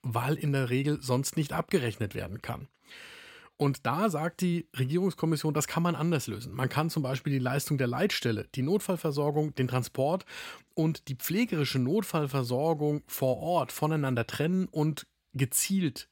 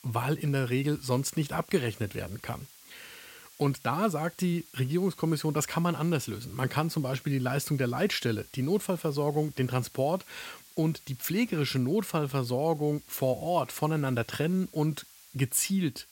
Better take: first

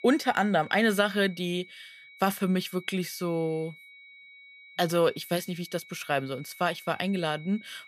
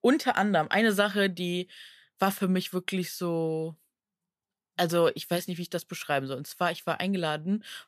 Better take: second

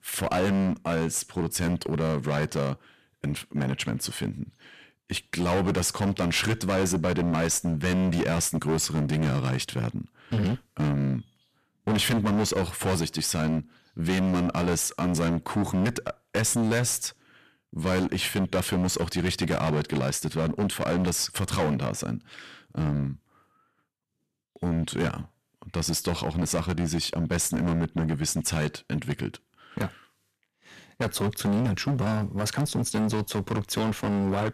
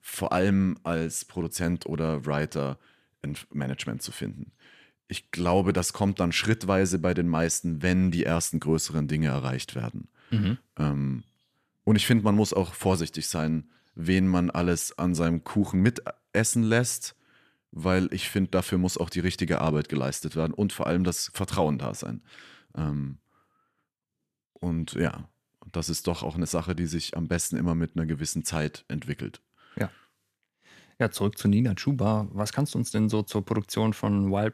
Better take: second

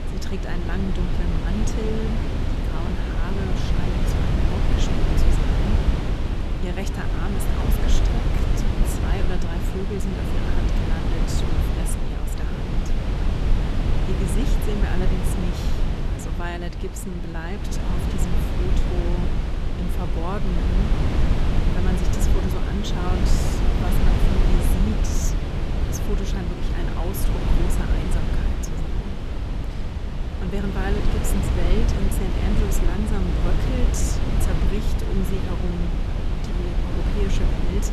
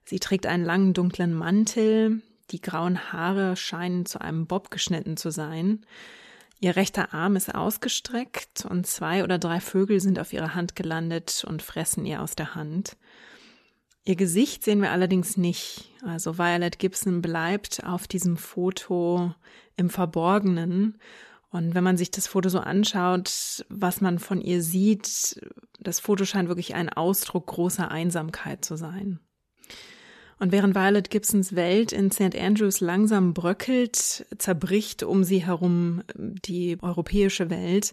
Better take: second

